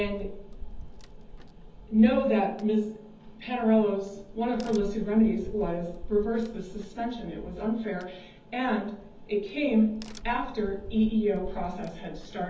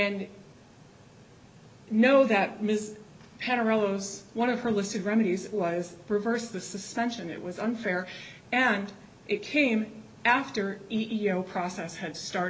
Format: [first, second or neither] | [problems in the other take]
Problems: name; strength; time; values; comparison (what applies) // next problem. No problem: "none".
second | background sound (Crack); 13 dB below the speech // room echo; dies away in 0.7 s